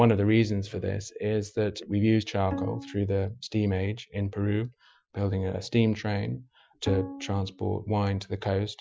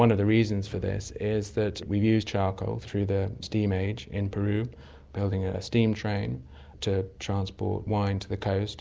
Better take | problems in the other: second | noise reduction (classical method Wiener filter)

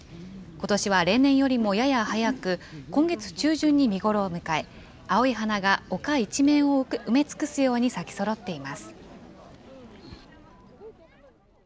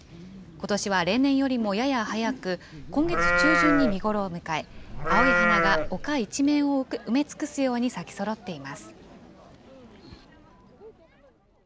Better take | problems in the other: first | background sound (Livestock, farm animals, working animals); 3 dB above the speech

